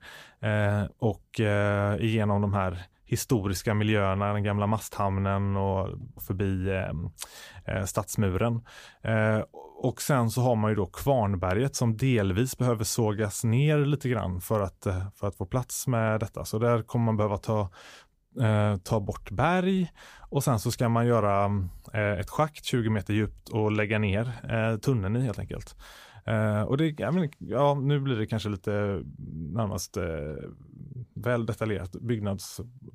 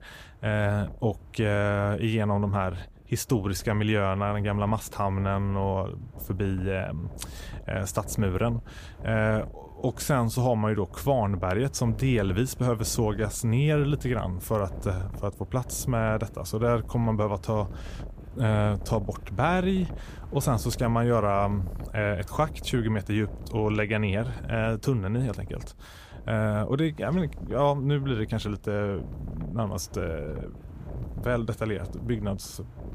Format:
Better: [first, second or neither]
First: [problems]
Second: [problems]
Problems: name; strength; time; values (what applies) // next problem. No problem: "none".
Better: first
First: none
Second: wind noise on the microphone; occasional gusts; 20 dB below the speech